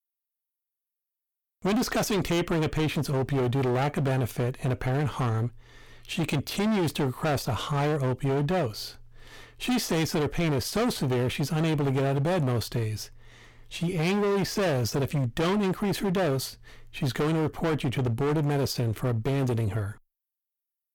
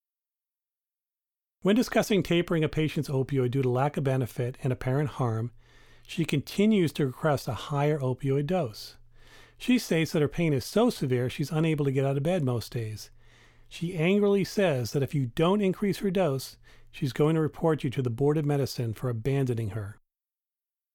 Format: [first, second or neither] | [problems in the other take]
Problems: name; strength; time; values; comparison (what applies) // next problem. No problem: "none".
second | distortion; heavy; 22% of the sound clipped